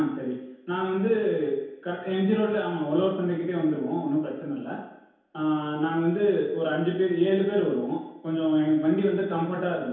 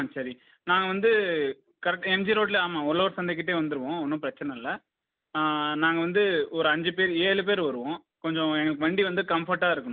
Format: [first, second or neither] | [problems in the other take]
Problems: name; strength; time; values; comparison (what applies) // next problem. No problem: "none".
second | room echo; dies away in 1 s